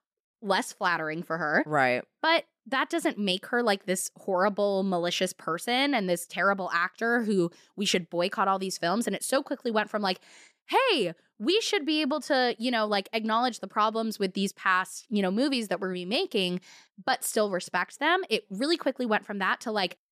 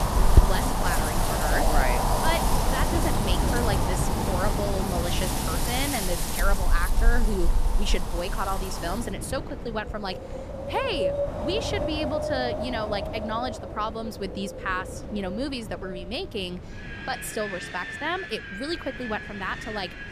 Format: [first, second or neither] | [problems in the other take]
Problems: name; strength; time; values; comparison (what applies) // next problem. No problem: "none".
first | wind in the background; very loud; throughout; 3 dB above the speech